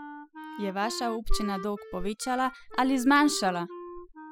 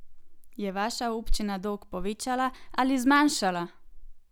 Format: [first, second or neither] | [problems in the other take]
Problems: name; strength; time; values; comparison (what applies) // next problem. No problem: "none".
second | noise reduction (classical method spectral subtraction)